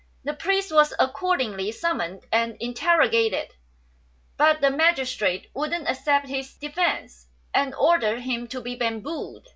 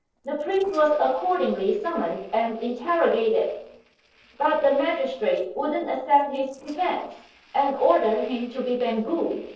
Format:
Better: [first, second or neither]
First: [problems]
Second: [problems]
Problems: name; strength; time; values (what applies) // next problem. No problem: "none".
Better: first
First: none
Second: noise reduction (neural separator model SepFormer DNS4)